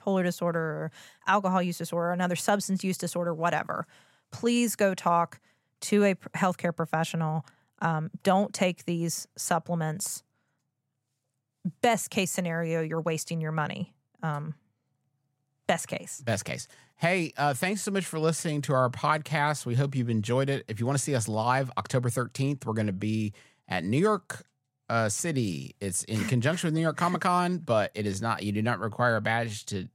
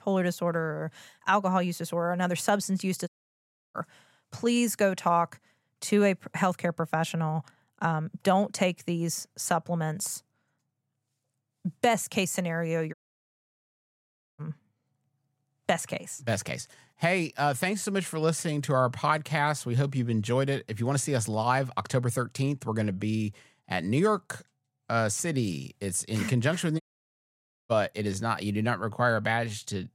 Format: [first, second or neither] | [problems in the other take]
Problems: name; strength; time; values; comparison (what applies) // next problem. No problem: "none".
first | audio cutting out; at 3 s for 0.5 s, at 13 s for 1.5 s and at 27 s for 1 s